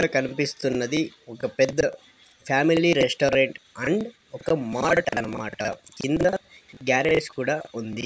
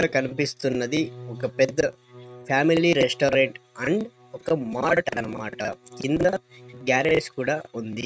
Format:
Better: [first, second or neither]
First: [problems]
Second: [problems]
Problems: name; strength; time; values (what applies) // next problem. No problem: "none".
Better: first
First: none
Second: noise reduction (neural mask model RNNoise)